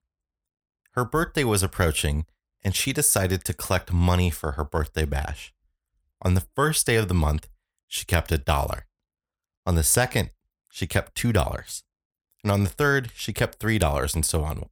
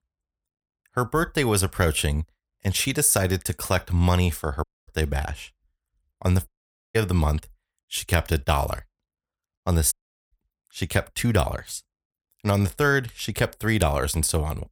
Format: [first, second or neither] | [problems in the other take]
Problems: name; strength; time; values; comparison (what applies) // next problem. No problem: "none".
first | audio cutting out; at 4.5 s, at 6.5 s and at 10 s